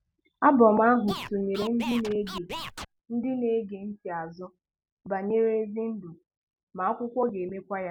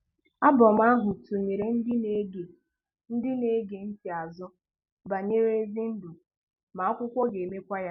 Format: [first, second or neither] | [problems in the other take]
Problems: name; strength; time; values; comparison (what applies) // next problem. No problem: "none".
second | background sound (Scratching (performance technique)); 11 dB below the speech